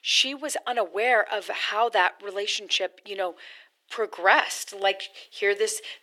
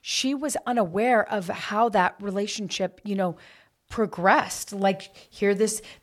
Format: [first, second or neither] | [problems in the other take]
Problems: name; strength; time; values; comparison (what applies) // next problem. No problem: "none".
second | thin; very; fading below 350 Hz